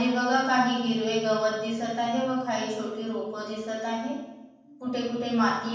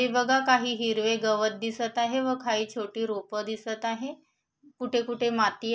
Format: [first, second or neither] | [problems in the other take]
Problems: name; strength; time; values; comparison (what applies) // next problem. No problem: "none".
second | room echo; dies away in 1.2 s